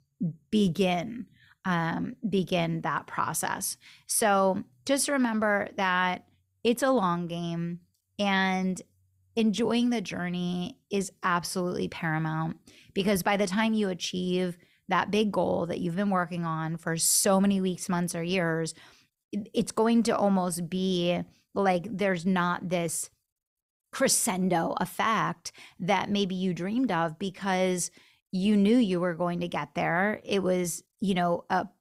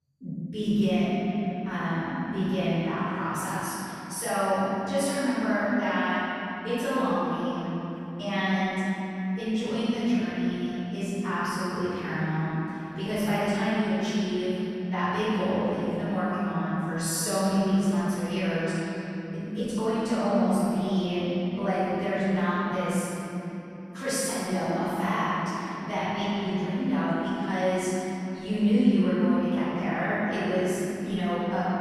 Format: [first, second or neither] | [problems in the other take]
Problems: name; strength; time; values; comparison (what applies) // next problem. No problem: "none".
first | off-mic speech; far // room echo; strong; dies away in 3 s